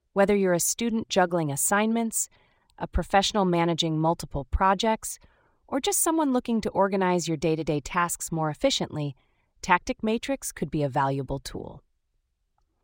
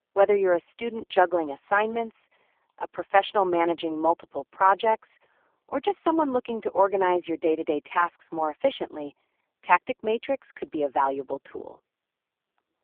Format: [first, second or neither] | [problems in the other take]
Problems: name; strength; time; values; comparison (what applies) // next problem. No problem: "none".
first | phone-call audio; poor line; nothing above 3.5 kHz